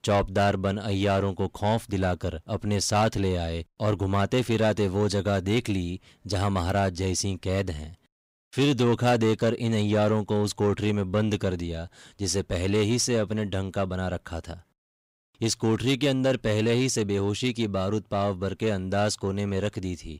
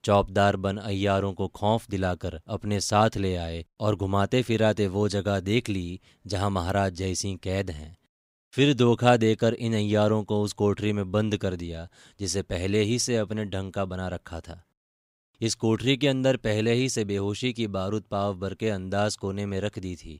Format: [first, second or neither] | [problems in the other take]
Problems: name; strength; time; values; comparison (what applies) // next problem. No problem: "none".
second | distortion; slight; 10 dB below the speech